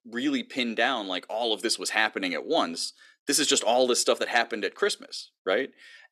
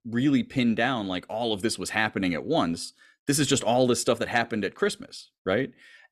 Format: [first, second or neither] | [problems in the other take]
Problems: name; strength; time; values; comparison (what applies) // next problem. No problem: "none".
second | thin; very slightly; fading below 300 Hz